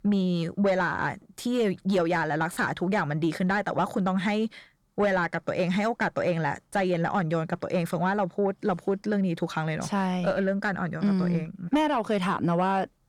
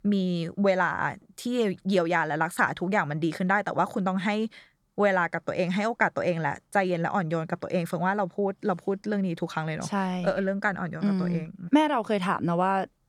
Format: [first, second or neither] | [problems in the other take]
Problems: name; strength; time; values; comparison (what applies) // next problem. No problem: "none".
second | distortion; slight; 10 dB below the speech